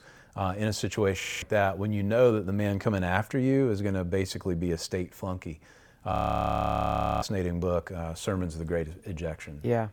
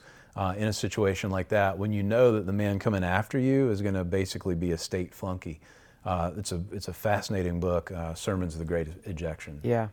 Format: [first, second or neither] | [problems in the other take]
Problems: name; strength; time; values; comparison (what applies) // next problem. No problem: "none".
second | audio freezing; at 1 s and at 6 s for 1 s